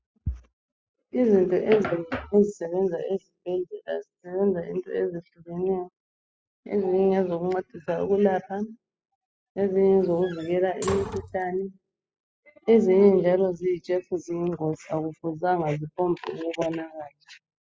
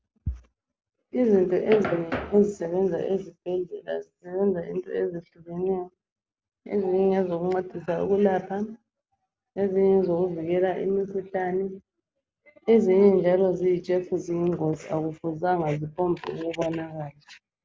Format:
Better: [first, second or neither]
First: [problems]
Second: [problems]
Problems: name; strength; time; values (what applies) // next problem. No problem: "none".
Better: second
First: noise reduction (classical method spectral subtraction)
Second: none